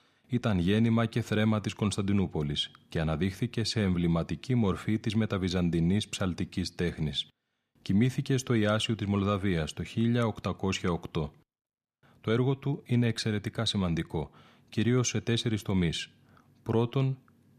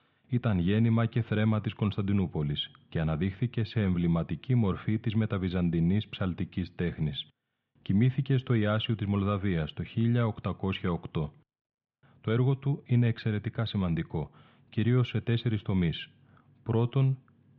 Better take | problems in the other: first | muffled; very; fading above 3.5 kHz

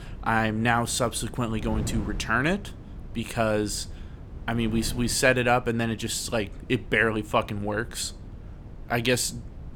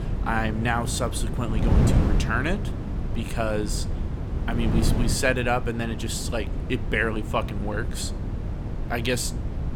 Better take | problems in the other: first | wind noise on the microphone; heavy; 9 dB below the speech; occasional gusts in the first

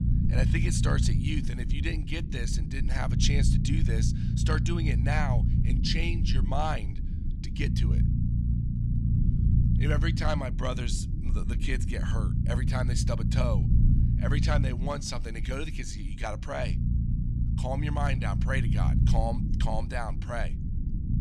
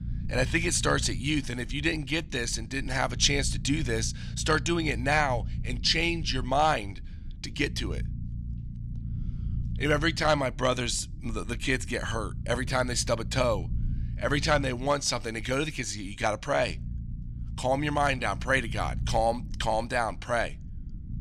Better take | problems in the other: second | low rumble; loud; throughout; 6 dB below the speech; faint in the second

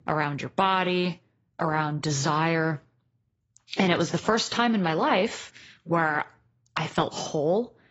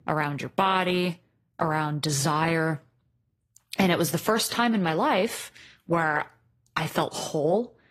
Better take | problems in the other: second | garbled, watery; badly; nothing above 7.5 kHz; slightly in the second

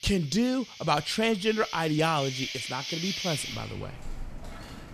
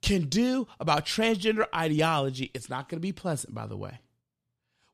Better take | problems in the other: second | animal sounds; loud; throughout; 8 dB below the speech

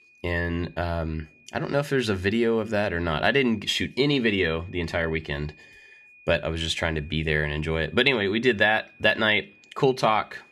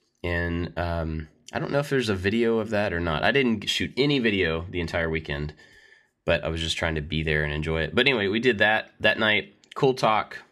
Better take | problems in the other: second | high-pitched whine; faint; throughout; 2.5 kHz, 30 dB below the speech

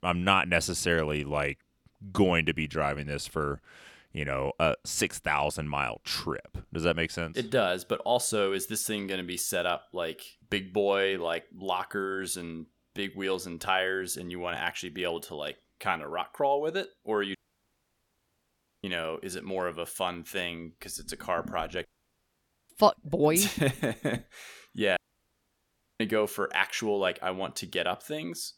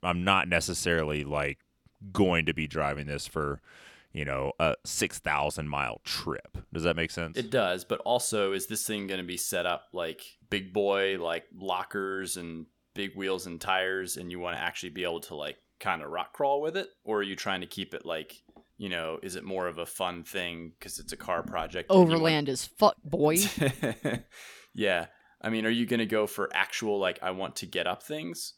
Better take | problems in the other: second | audio cutting out; at 17 s for 1.5 s, at 22 s for 1 s and at 25 s for 1 s

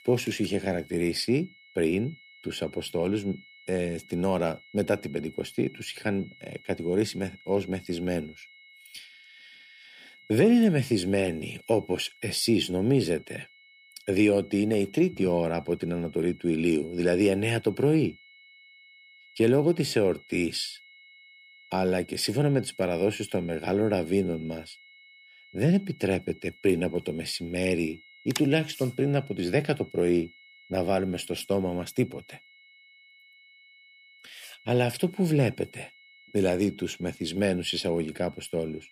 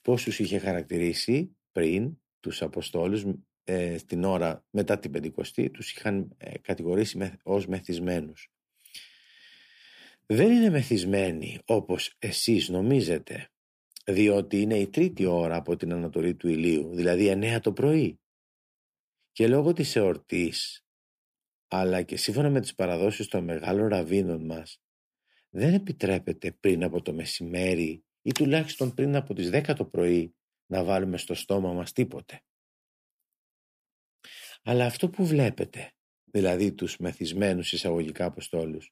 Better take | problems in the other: second | high-pitched whine; faint; throughout; 2 kHz, 25 dB below the speech

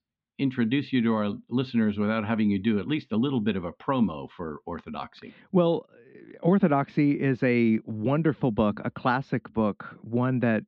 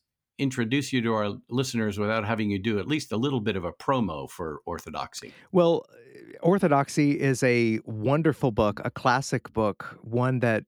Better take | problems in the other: second | muffled; slightly; fading above 4 kHz

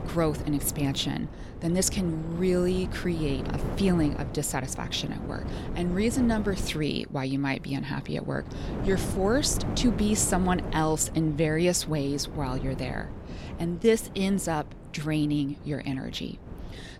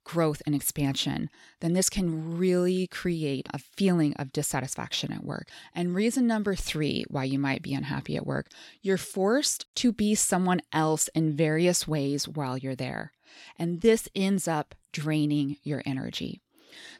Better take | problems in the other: second | wind noise on the microphone; occasional gusts; 10 dB below the speech

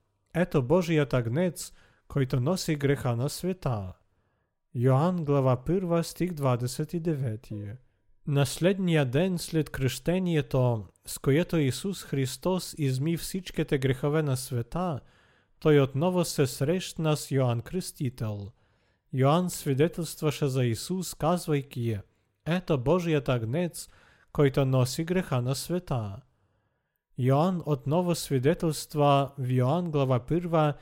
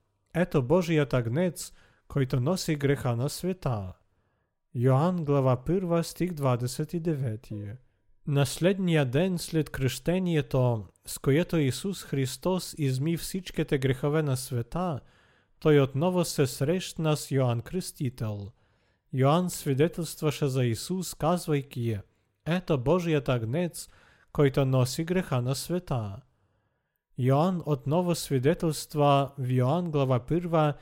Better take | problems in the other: neither | none

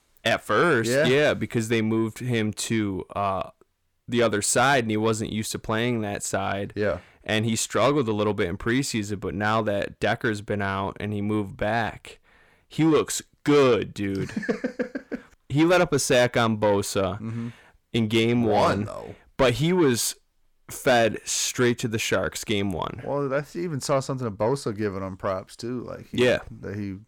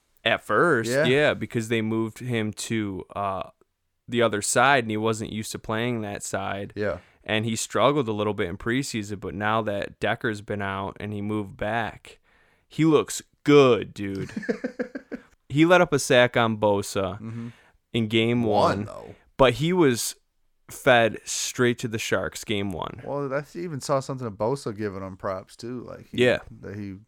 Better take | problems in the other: second | distortion; slight; 10 dB below the speech

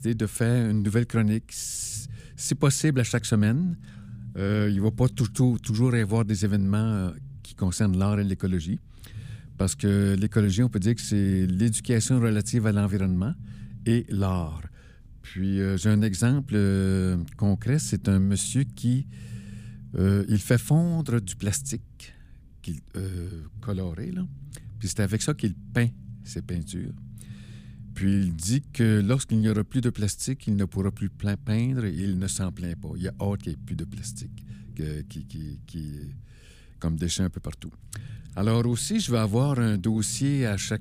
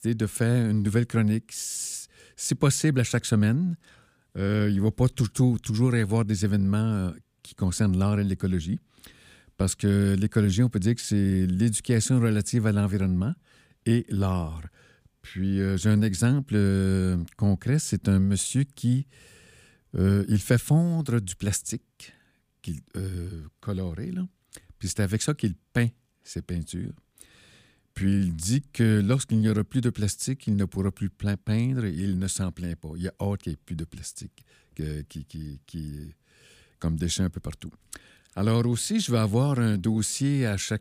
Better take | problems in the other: second | low rumble; faint; throughout; 20 dB below the speech

